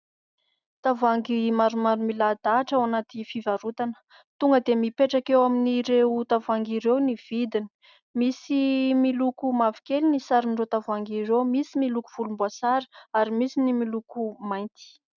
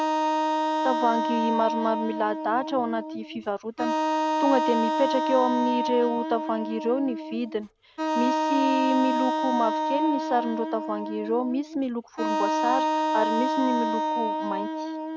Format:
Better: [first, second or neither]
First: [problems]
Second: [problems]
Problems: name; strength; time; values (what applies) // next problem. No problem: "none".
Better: first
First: none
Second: background sound (Wind instrument, woodwind instrument); 1 dB above the speech